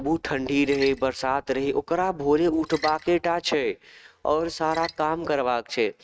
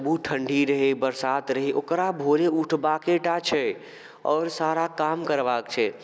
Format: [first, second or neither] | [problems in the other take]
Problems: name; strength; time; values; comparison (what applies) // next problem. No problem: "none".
second | noise reduction (neural mask model RNNoise)